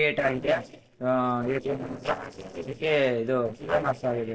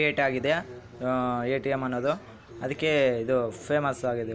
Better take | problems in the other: second | noise reduction (neural separator model SepFormer DNS4)

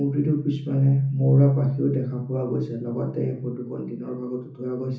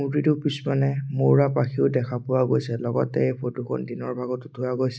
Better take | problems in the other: second | room echo; dies away in 0.9 s

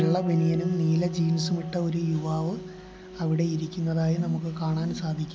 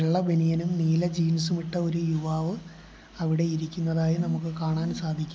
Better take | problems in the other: second | background sound (Piano); 12 dB below the speech

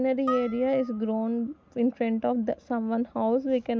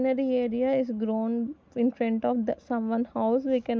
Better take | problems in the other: second | background sound (Harp); 14 dB below the speech

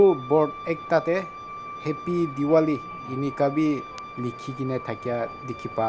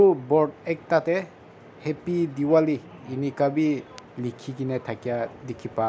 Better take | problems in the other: second | background sound (Wind instrument, woodwind instrument); 13 dB below the speech

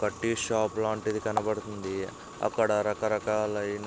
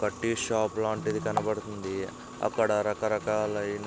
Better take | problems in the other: first | background sound (Electric guitar); 16 dB below the speech

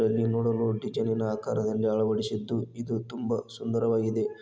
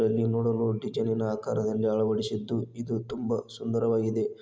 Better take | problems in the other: first | noise reduction (neural mask model Resemble Enhance denoiser)

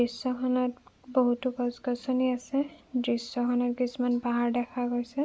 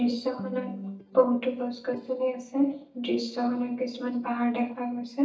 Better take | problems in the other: first | noise reduction (neural mask model DeepFilterNet 3)

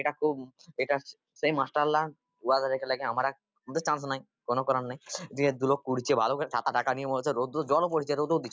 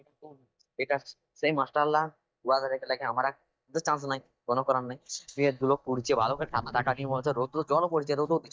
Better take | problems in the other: first | noise reduction (neural mask model DeepFilterNet 3)

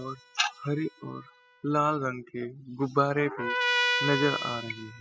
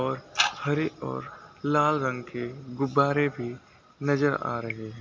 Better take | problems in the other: second | noise reduction (classical method spectral subtraction)

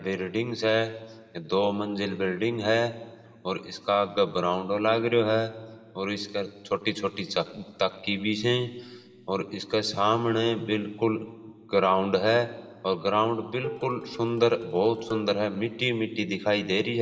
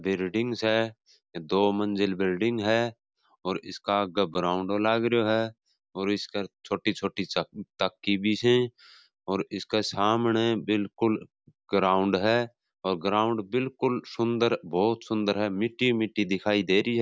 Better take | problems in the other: second | noise reduction (neural separator model SepFormer DNS4)

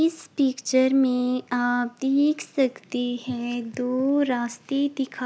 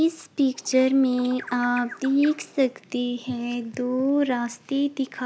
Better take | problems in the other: first | background sound (Bird); 18 dB below the speech

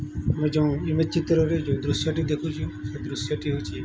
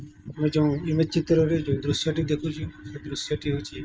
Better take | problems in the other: first | noise reduction (neural mask model RNNoise)

